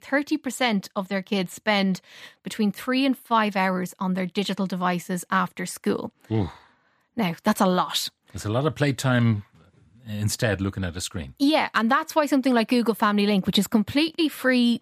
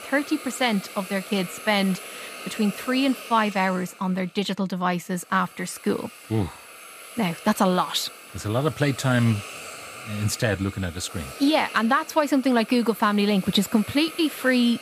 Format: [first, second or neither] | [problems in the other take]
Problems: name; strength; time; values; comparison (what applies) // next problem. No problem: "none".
first | hiss; noticeable; throughout; 15 dB below the speech